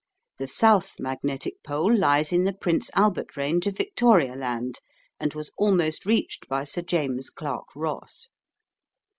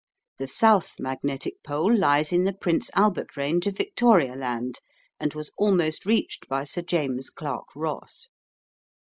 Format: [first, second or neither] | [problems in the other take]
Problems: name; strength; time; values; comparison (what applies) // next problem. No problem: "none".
first | noise reduction (neural mask model Resemble Enhance denoiser)